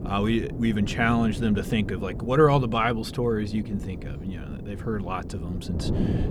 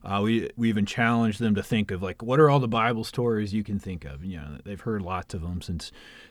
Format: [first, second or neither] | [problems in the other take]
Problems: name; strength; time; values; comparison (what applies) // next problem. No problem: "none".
second | wind noise on the microphone; occasional gusts; 15 dB below the speech